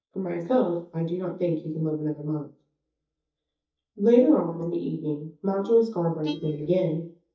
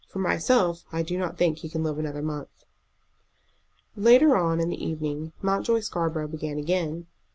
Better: second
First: noise reduction (neural mask model DeepFilterNet 3)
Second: none

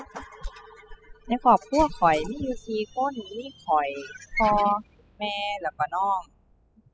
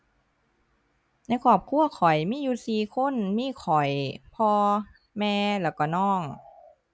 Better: second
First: noise reduction (classical method spectral subtraction)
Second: none

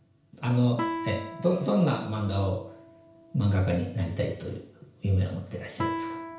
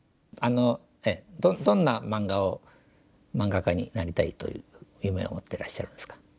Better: second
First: background sound (Guitar); 10 dB below the speech // room echo; dies away in 0.5 s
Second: none

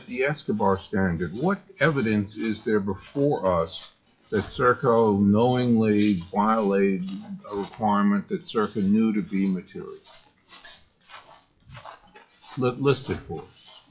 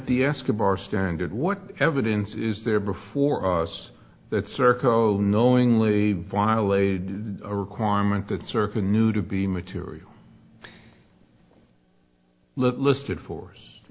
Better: second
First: noise reduction (classical method WPE with log-MMSE)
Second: none

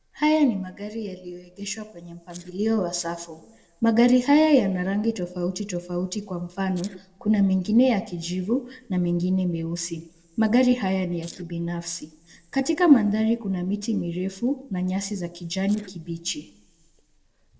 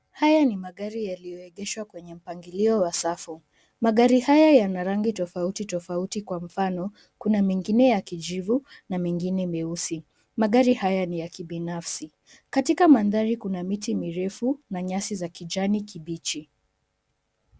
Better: second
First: noise reduction (neural separator model SepFormer DNS4)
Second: none

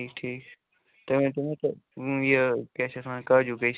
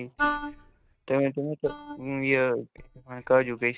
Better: first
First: none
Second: noise reduction (neural mask model DeepFilterNet 3)

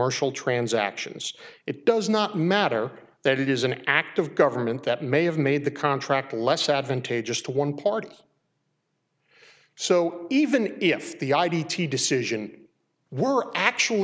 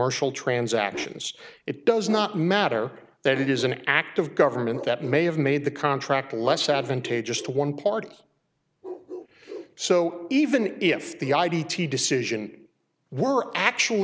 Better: first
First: none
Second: background sound (Bark); 18 dB below the speech

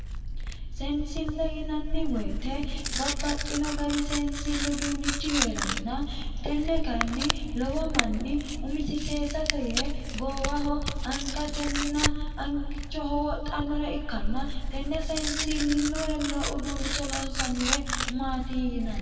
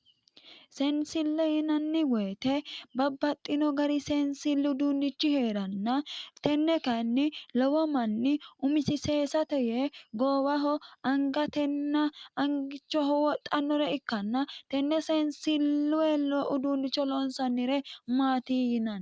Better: second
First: background sound (Tearing); 1 dB above the speech // room echo; dies away in 2.1 s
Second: none

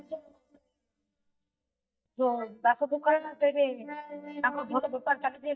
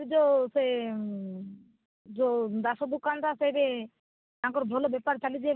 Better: second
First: noise reduction (neural mask model DeepFilterNet 3)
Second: none

